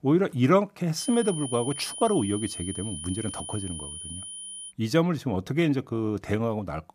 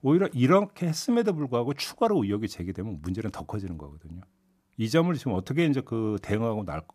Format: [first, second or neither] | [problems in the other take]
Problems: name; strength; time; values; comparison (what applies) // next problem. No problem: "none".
second | high-pitched whine; loud; from 1 to 4.5 s; 9.5 kHz, 9 dB below the speech